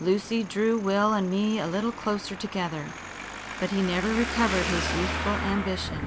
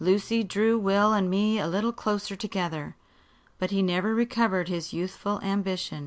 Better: second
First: background sound (Traffic noise, roadway noise); 6 dB below the speech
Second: none

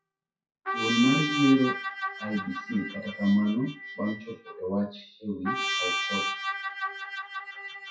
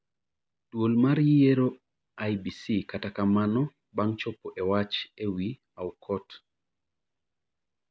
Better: second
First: noise reduction (classical method WPE with log-MMSE)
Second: none

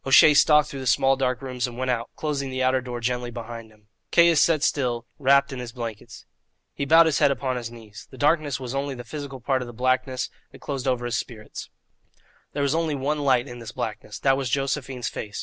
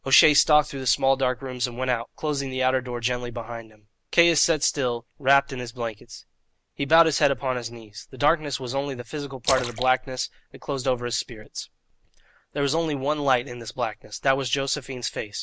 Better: first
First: none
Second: background sound (Splash, splatter); 10 dB below the speech

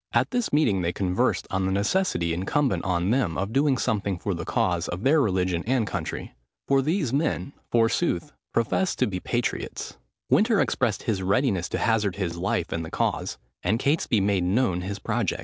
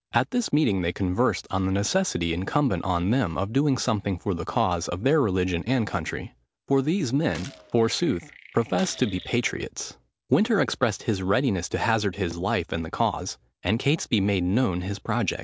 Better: first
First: none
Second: background sound (Chirp, tweet + Gunshot, gunfire); 20 dB below the speech

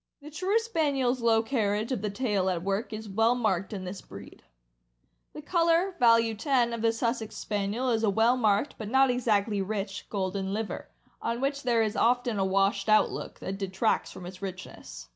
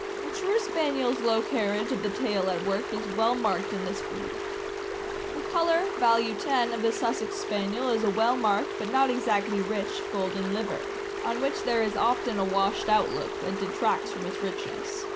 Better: first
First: none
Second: background sound (Stream + Telephone); 4 dB below the speech

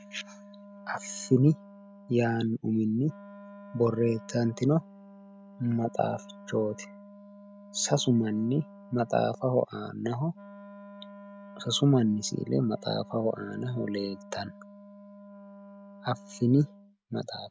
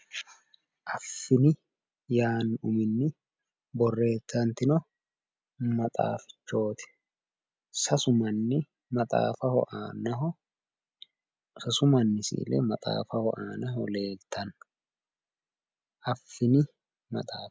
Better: second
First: background sound (Wind instrument, woodwind instrument); 19 dB below the speech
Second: none

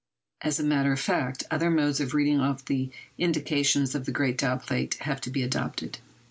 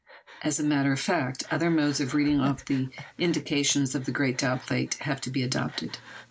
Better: first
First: none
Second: background sound (Breathing); 19 dB below the speech

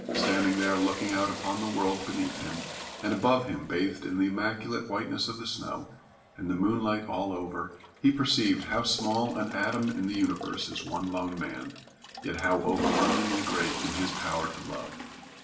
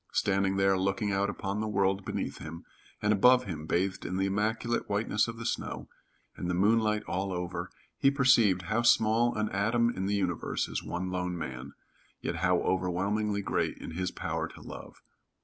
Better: second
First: background sound (Toilet flush); 8 dB below the speech // room echo; dies away in 0.8 s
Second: none

